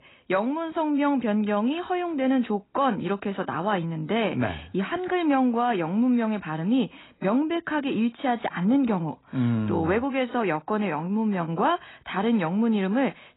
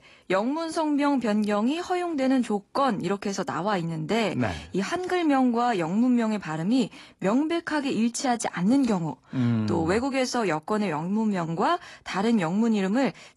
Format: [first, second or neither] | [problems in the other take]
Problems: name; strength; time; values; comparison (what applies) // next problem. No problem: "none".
second | garbled, watery; badly; nothing above 4 kHz; slightly in the second